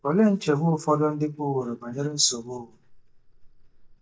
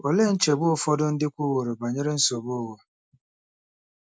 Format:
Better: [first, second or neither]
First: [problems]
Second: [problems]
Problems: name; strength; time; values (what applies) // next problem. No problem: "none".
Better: second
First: noise reduction (neural mask model DeepFilterNet 3)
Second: none